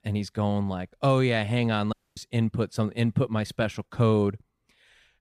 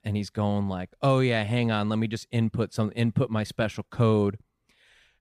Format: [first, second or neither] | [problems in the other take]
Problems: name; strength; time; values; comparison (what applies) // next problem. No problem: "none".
second | audio cutting out; at 2 s